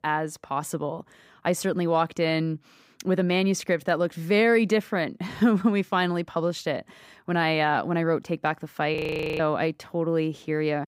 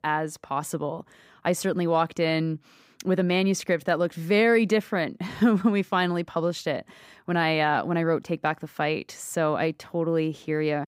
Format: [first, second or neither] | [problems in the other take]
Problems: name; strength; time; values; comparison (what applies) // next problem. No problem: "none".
second | audio freezing; at 9 s